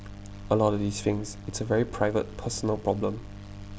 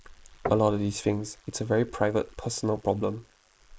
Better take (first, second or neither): first